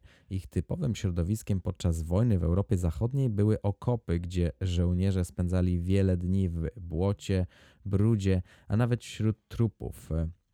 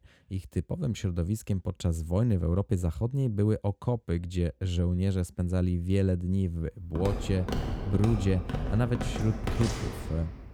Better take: first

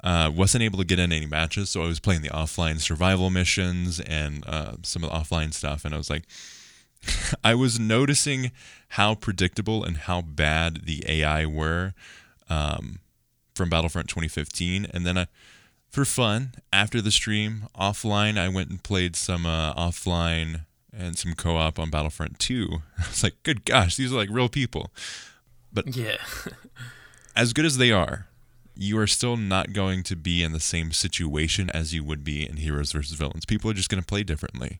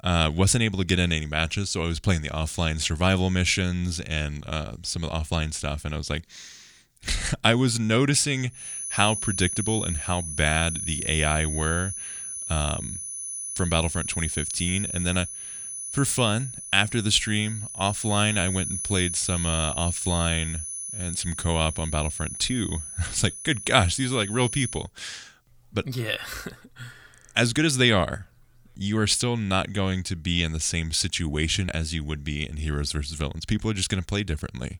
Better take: first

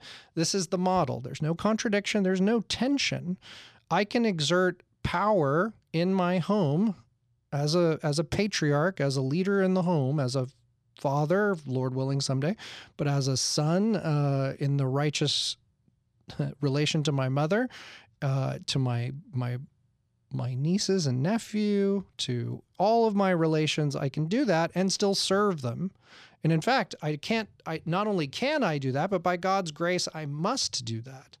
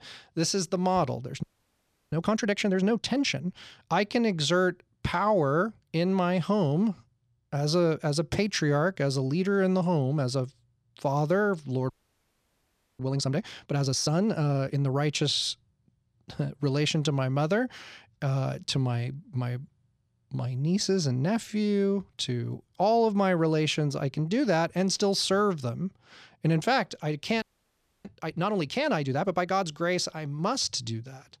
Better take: first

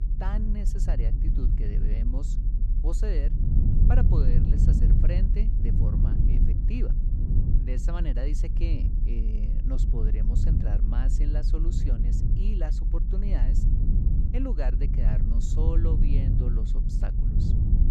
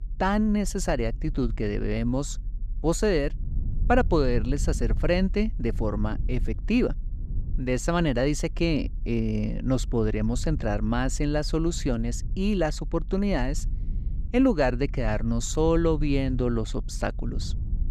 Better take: second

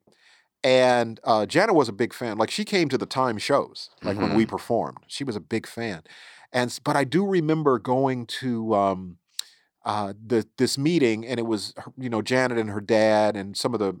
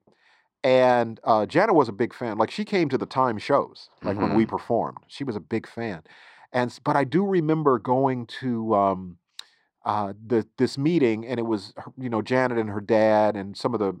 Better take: first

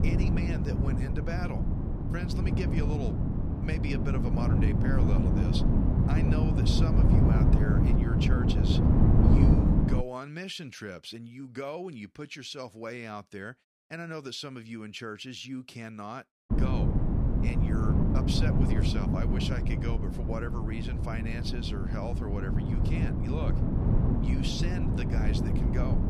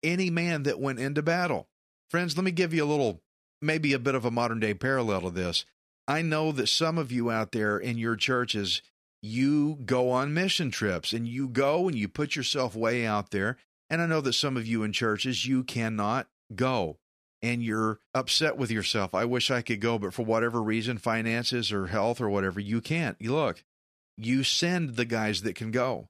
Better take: second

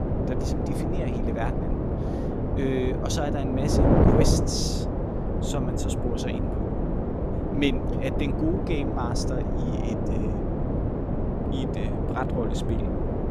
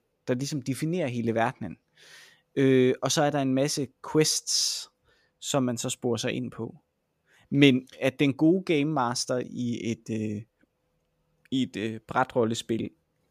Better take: second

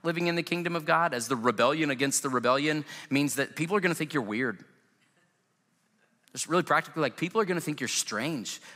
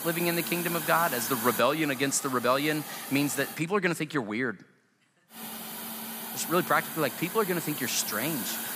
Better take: first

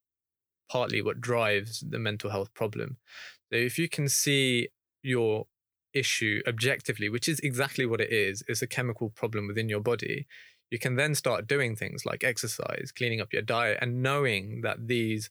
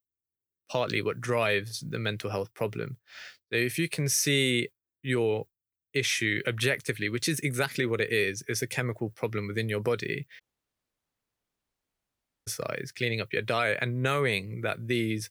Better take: first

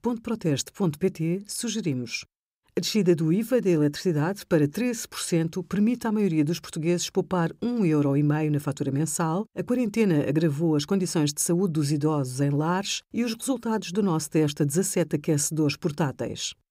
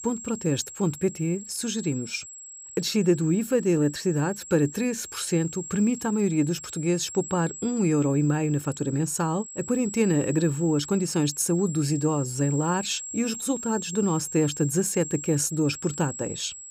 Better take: first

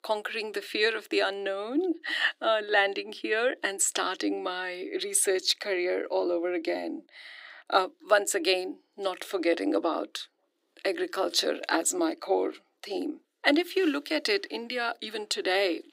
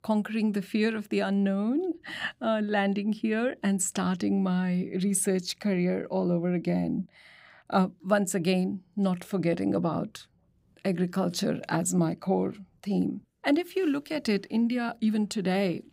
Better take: second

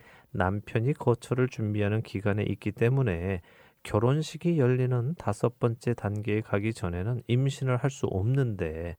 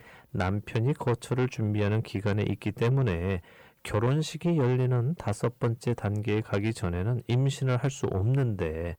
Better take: first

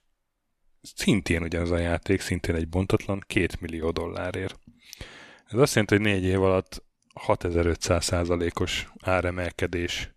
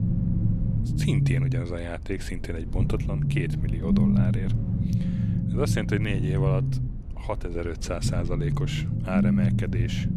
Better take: first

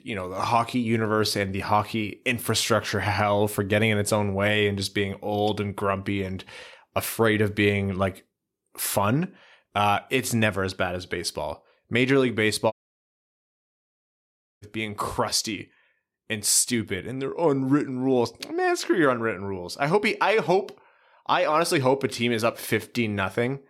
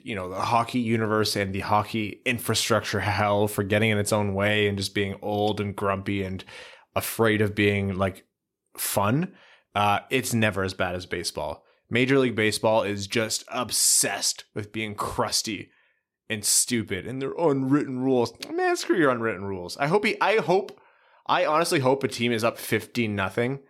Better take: second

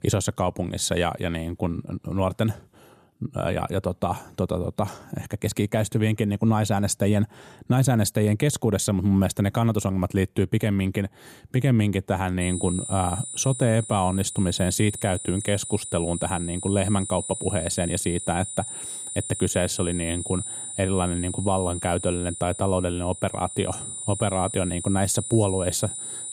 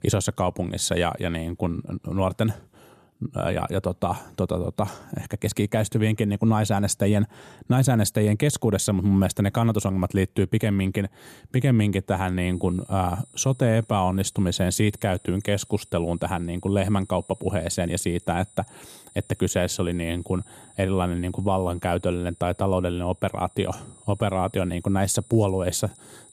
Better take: second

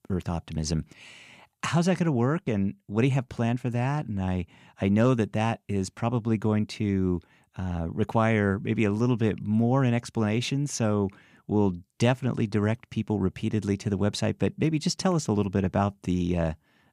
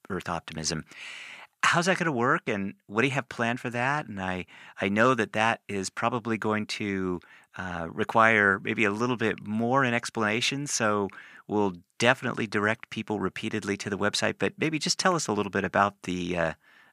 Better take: first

